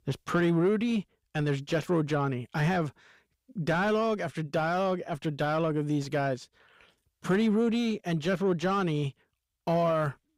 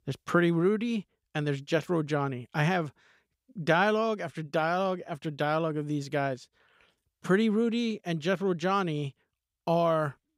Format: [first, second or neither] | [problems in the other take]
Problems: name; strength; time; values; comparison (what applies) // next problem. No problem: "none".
second | distortion; slight; 10 dB below the speech